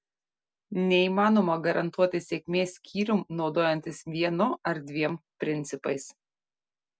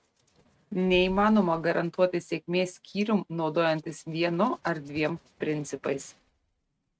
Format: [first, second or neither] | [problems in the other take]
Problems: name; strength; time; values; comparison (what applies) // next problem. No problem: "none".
first | noise reduction (neural mask model RNNoise)